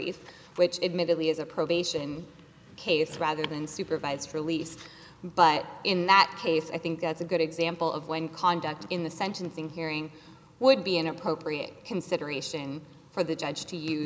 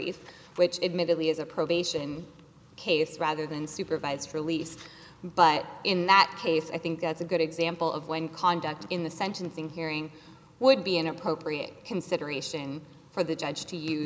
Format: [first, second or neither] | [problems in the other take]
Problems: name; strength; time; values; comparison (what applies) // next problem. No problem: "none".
second | background sound (Car); 18 dB below the speech